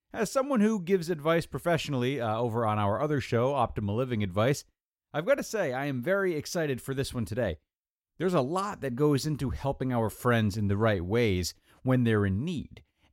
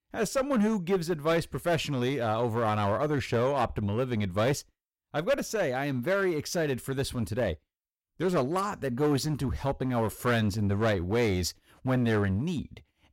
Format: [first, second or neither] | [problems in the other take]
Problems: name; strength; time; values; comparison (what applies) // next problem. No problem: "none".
first | distortion; slight; 9% of the sound clipped